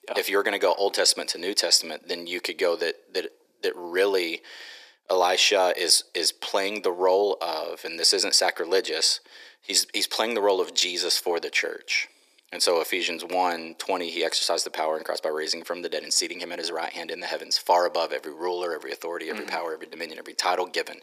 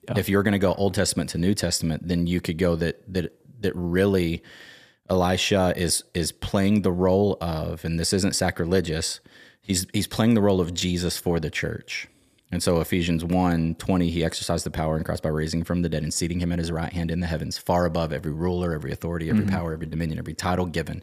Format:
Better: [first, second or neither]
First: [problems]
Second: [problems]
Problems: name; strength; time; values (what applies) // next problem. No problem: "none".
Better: second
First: thin; very; fading below 350 Hz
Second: none